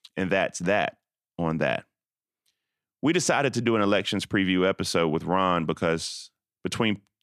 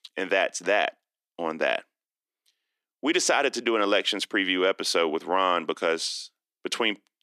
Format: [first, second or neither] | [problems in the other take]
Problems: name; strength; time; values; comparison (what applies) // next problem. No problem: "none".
first | thin; somewhat; fading below 300 Hz